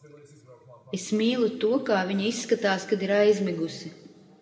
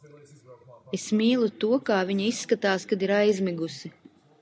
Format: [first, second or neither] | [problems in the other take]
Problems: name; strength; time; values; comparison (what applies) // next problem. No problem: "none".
second | room echo; dies away in 1.2 s